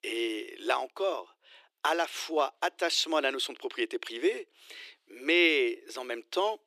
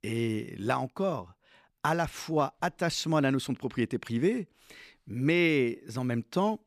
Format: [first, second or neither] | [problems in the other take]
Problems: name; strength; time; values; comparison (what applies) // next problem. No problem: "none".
second | thin; very; fading below 350 Hz